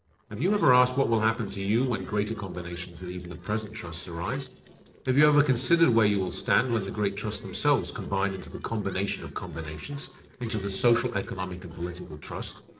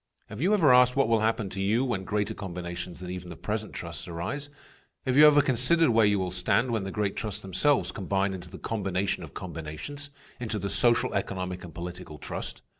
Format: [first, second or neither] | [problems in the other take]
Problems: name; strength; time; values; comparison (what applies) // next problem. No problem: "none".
second | noise reduction (neural separator model SepFormer DNS4)